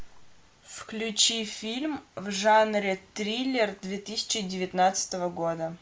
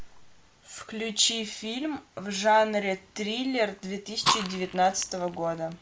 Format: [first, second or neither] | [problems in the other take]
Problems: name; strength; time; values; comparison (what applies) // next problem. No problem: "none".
first | background sound (Fire); 4 dB below the speech